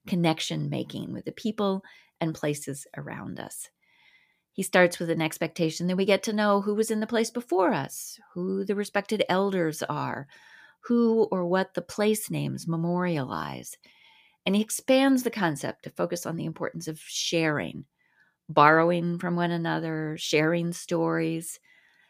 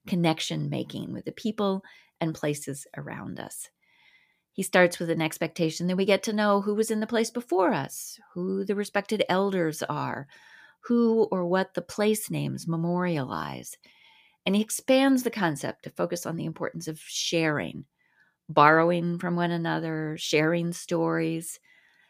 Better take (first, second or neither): neither